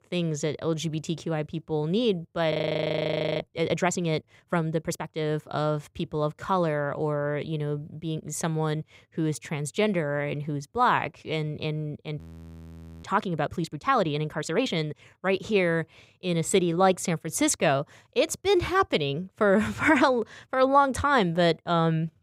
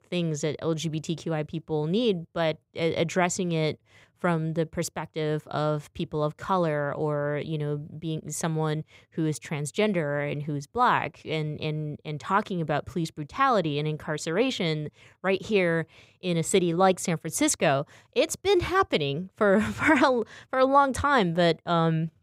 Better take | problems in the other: second | audio freezing; at 2.5 s for 1 s and at 12 s for 1 s

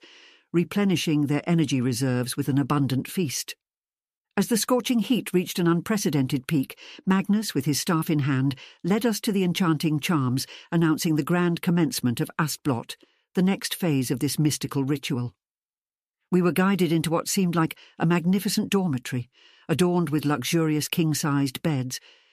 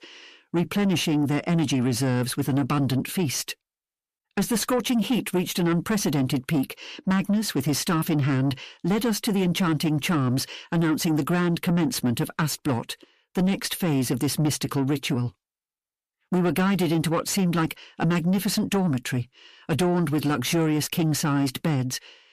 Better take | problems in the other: first | distortion; slight; 10 dB below the speech

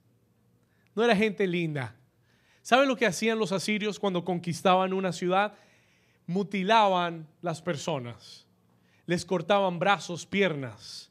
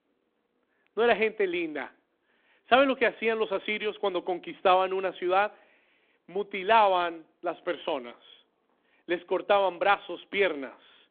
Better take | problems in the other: first | phone-call audio; nothing above 3.5 kHz

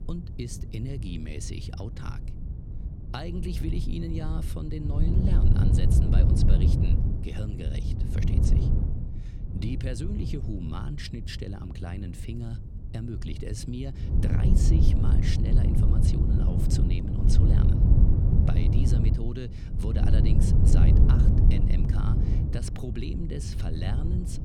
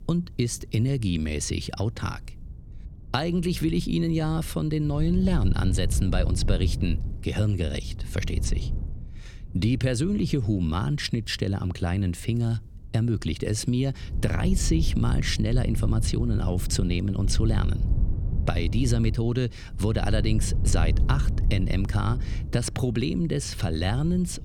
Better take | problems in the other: second | wind noise on the microphone; heavy; 3 dB above the speech; occasional gusts in the second

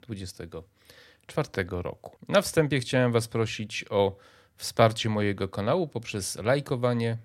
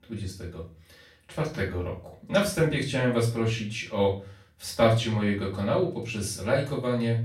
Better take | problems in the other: first | off-mic speech; far // room echo; slight; dies away in 0.3 s

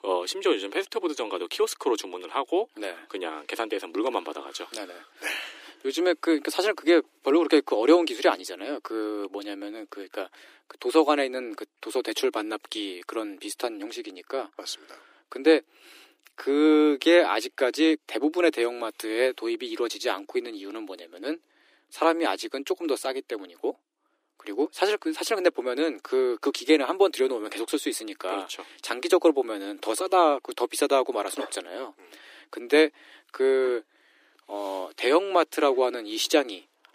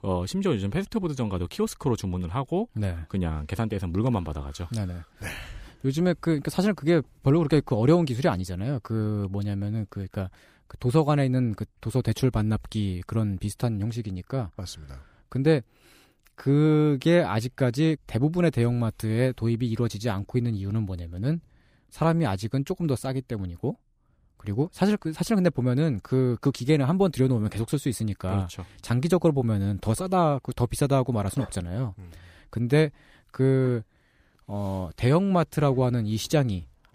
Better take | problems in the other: second | thin; very; fading below 300 Hz

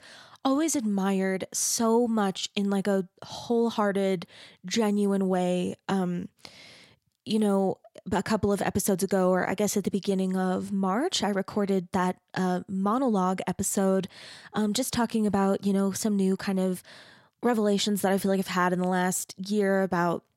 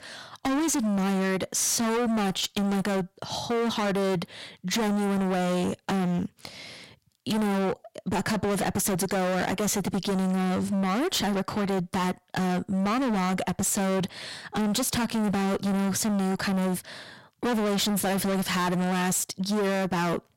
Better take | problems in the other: first | distortion; heavy; 36% of the sound clipped

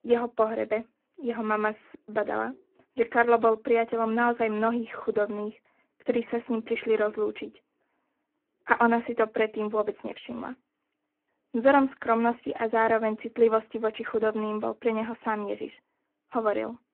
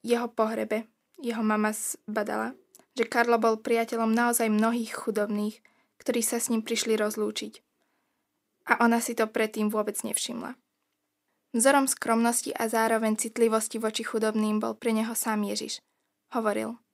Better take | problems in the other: second | phone-call audio; poor line

